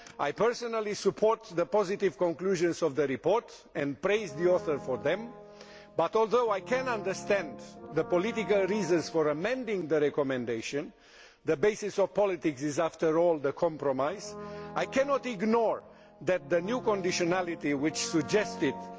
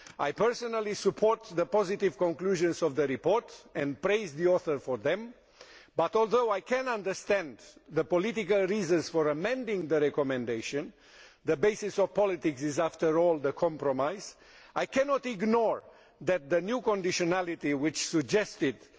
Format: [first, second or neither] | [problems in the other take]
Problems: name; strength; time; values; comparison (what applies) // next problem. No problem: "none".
second | background sound (Brass instrument); 16 dB below the speech